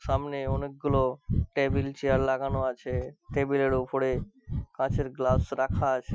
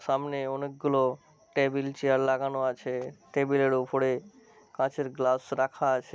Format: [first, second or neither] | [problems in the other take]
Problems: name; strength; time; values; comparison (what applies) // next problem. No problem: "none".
second | noise reduction (classical method Wiener filter)